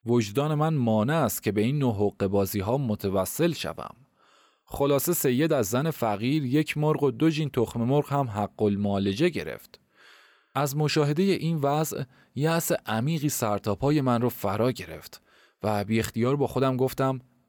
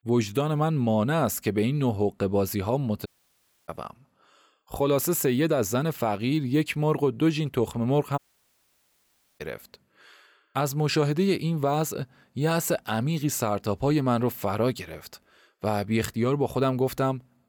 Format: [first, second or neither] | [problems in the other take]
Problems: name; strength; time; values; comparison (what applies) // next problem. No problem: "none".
first | audio cutting out; at 3 s for 0.5 s and at 8 s for 1 s